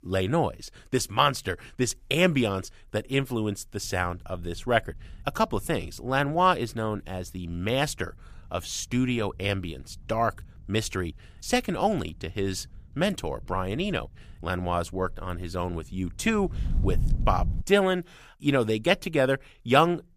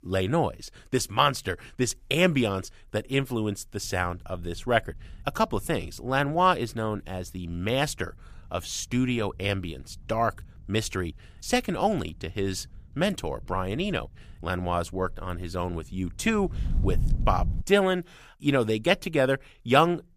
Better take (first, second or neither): neither